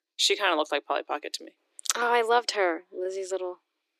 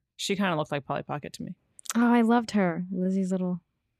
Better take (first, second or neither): second